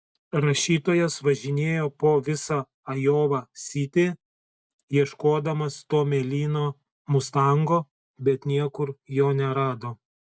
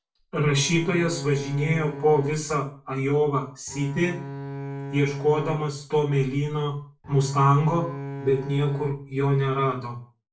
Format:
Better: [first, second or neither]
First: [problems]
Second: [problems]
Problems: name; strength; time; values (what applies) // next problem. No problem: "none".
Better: first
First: none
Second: background sound (Bowed string instrument); 11 dB below the speech // room echo; dies away in 0.3 s